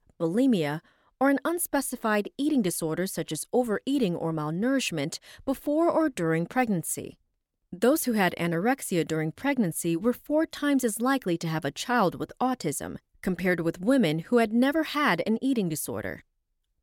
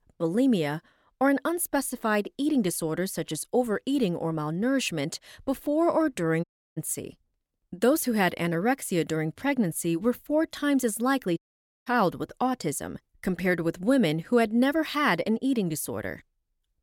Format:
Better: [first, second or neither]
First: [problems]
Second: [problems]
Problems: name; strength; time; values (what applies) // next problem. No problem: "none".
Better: first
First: none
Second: audio cutting out; at 6.5 s and at 11 s